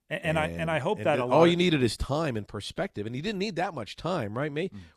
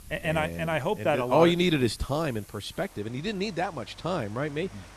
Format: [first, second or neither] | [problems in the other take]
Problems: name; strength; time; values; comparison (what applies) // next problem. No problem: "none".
first | rain or running water; faint; throughout; 20 dB below the speech